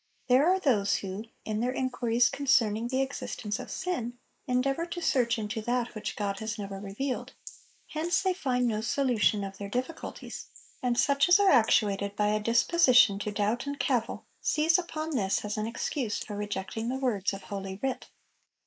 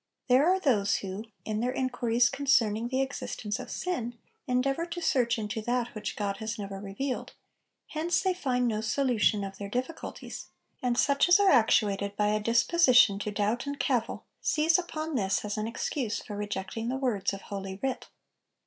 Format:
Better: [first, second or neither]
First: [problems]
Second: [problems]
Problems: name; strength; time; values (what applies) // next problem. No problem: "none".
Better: second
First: noise reduction (neural mask model Resemble Enhance denoiser)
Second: none